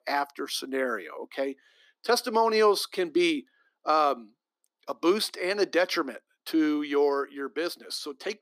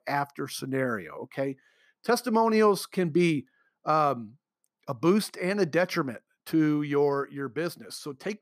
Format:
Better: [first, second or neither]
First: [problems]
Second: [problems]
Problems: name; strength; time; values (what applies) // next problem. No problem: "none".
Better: second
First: thin; very slightly; fading below 250 Hz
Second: none